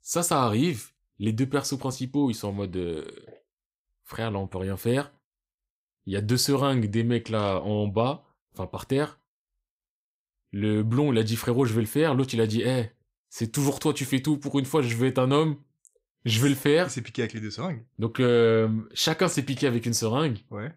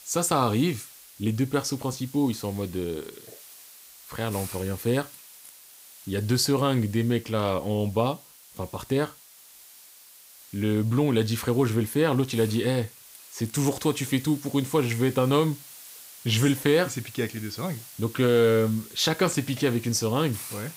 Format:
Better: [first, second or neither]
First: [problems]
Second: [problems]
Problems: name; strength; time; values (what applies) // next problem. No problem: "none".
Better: first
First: none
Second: hiss; noticeable; throughout; 20 dB below the speech